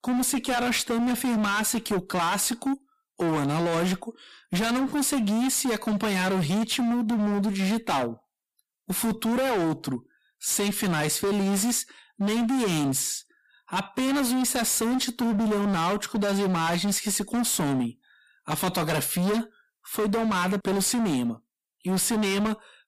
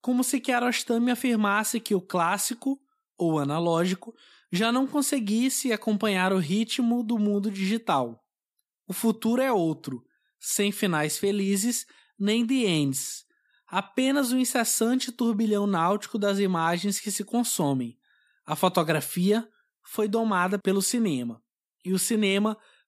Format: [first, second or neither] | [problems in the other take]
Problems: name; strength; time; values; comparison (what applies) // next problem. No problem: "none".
second | distortion; heavy; 31% of the sound clipped